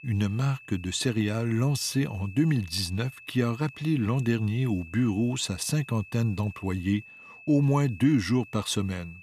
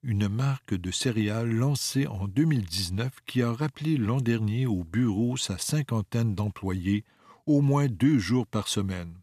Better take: second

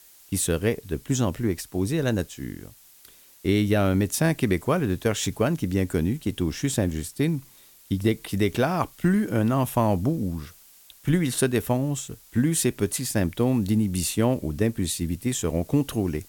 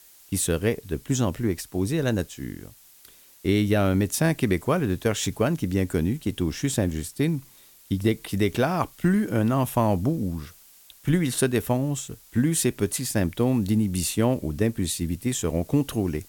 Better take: neither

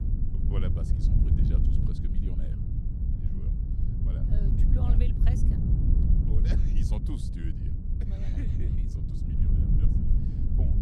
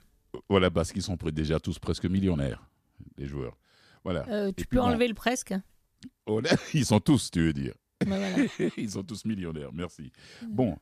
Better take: second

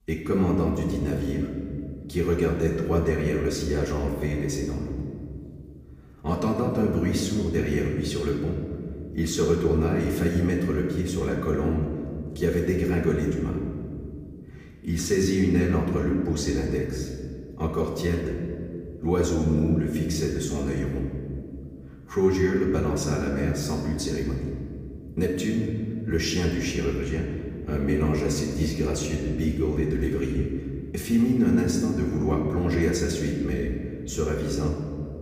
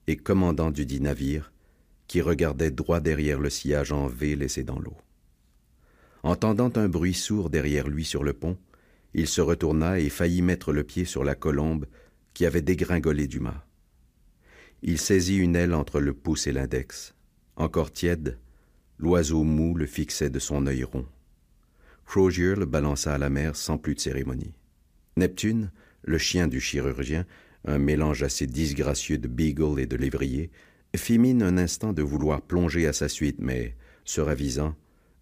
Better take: second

